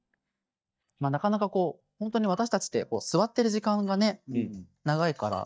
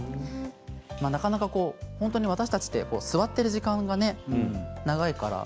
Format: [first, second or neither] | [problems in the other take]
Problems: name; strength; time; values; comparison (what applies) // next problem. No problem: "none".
second | noise reduction (neural mask model DeepFilterNet 3)